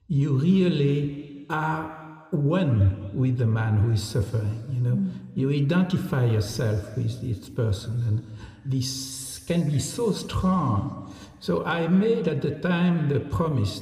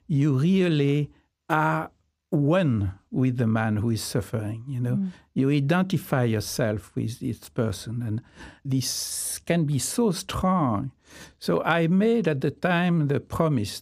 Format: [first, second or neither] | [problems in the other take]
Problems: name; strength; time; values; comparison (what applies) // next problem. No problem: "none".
second | room echo; slight; dies away in 1.8 s